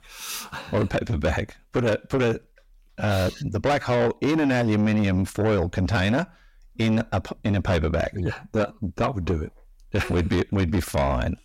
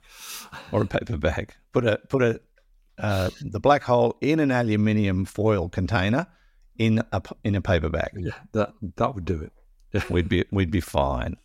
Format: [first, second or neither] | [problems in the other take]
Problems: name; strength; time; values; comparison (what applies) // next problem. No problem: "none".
second | distortion; heavy; 7 dB below the speech